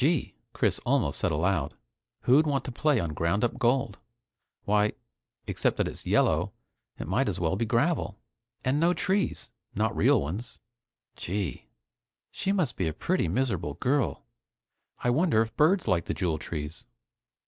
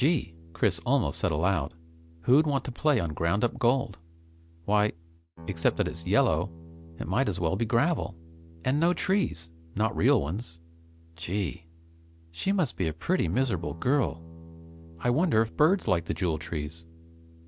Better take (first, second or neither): first